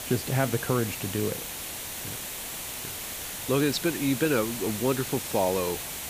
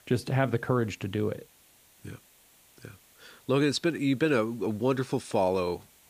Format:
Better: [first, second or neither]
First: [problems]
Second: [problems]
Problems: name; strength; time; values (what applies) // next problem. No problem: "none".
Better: second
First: hiss; loud; throughout; 5 dB below the speech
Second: hiss; faint; throughout; 30 dB below the speech